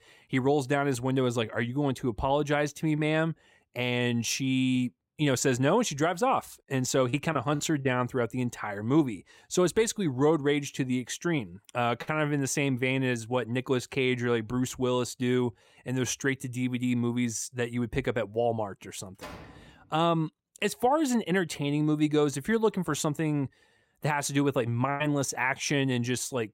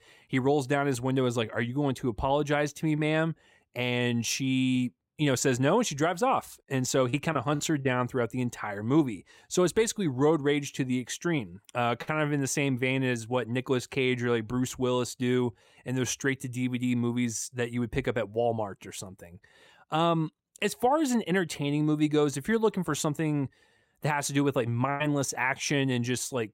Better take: second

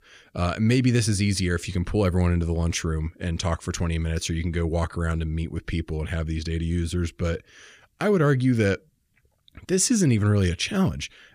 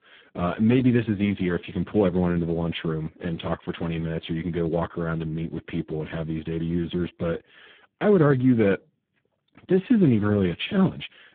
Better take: first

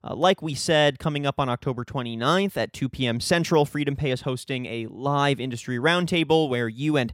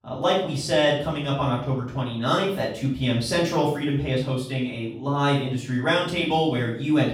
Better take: first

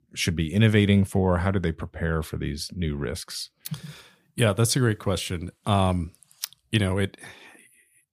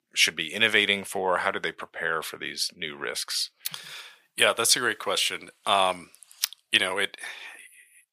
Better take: first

